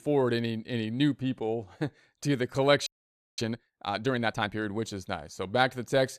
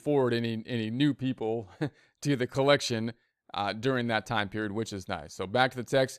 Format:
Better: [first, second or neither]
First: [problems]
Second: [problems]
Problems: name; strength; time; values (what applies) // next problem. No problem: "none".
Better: second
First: audio freezing; at 3 s for 0.5 s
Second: none